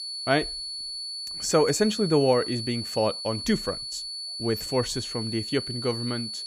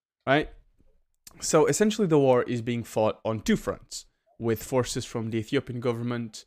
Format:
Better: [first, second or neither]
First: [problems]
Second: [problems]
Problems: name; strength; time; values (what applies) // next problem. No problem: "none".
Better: second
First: high-pitched whine; loud; throughout; 4.5 kHz, 5 dB below the speech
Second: none